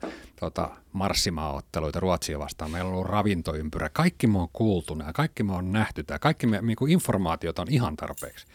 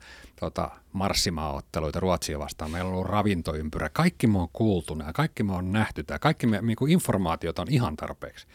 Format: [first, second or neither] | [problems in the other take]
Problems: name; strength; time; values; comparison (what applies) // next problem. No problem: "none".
second | footsteps; faint; until 1 s; peak 15 dB below the speech // jangling keys; faint; at 8 s; peak 15 dB below the speech